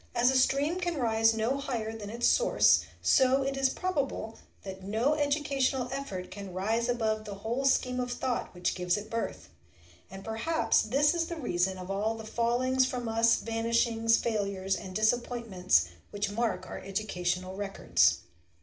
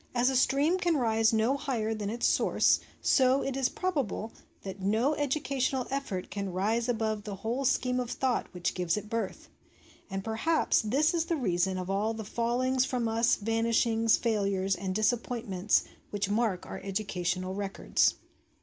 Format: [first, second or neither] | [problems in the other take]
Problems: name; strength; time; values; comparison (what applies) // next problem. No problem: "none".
second | room echo; dies away in 0.4 s